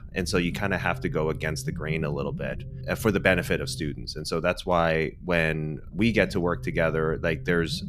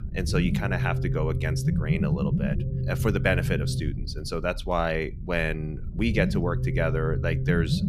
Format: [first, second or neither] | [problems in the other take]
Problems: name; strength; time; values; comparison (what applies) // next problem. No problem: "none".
first | low rumble; loud; throughout; 8 dB below the speech; faint in the first